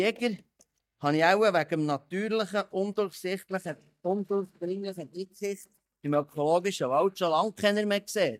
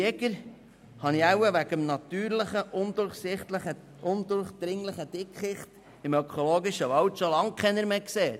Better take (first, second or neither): second